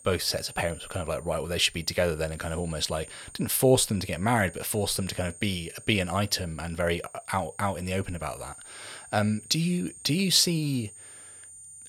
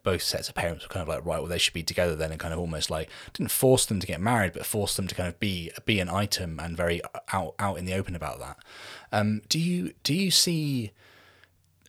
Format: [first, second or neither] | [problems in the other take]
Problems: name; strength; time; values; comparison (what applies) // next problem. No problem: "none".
second | high-pitched whine; noticeable; throughout; 9 kHz, 20 dB below the speech